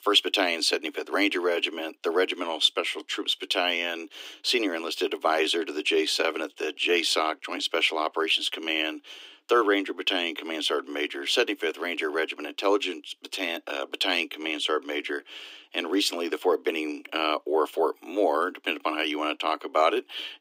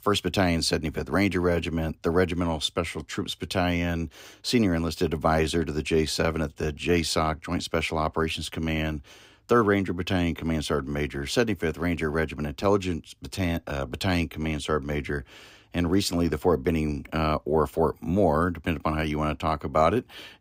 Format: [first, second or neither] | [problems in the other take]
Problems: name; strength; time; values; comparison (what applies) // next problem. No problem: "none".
second | thin; somewhat; fading below 300 Hz